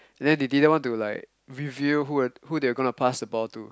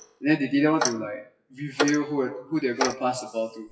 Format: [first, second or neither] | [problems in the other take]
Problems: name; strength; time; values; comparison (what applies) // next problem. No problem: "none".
first | noise reduction (classical method WPE with log-MMSE)